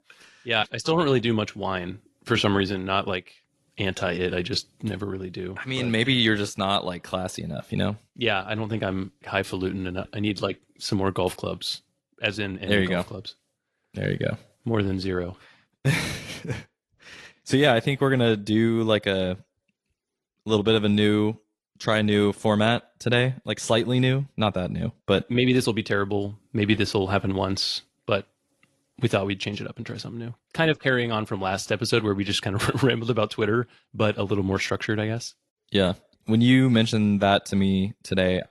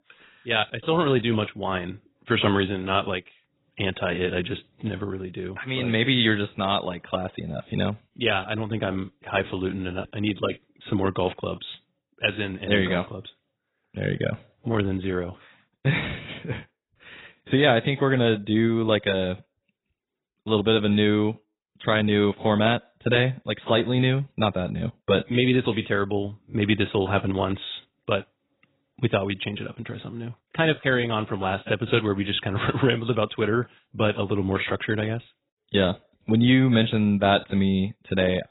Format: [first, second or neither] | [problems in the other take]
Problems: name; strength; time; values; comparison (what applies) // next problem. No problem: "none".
first | garbled, watery; badly; nothing above 4 kHz; slightly in the first